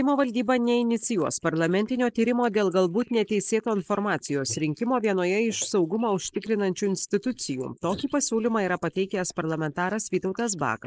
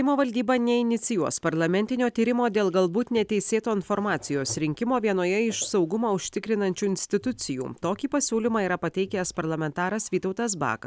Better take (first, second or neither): second